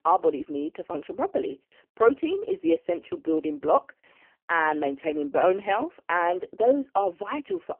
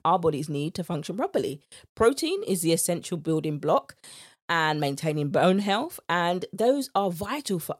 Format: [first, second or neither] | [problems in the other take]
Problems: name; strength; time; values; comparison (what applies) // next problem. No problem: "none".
second | phone-call audio; poor line; nothing above 3 kHz